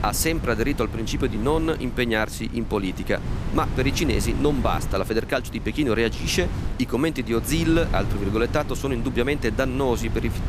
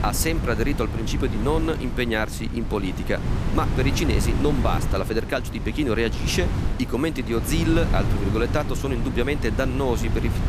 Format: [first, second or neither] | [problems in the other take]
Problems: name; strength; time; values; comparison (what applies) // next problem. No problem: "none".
first | wind noise on the microphone; heavy; 8 dB below the speech; occasional gusts in the first